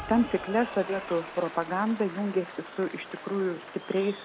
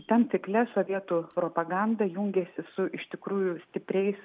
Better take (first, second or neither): second